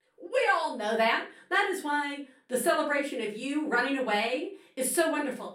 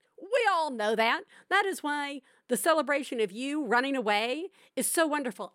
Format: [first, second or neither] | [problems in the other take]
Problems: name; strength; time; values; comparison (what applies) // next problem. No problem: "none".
second | room echo; slight; dies away in 0.3 s // off-mic speech; far